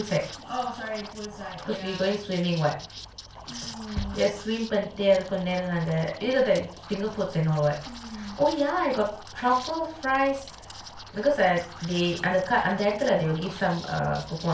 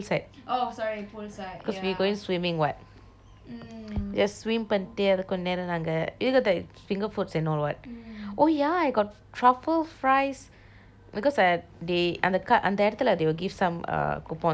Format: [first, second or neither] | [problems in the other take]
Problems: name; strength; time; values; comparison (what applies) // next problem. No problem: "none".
second | background sound (Liquid); 16 dB below the speech // room echo; dies away in 0.4 s